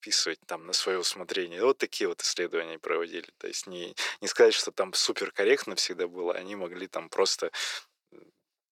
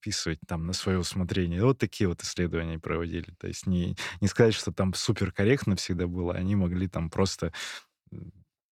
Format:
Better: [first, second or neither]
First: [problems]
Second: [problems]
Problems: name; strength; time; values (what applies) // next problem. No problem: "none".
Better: second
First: thin; very; fading below 400 Hz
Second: none